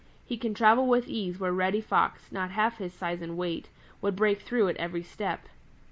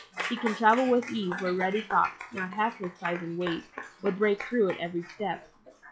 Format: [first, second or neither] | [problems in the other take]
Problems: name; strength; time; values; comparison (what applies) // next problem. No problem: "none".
first | noise reduction (classical method log-MMSE)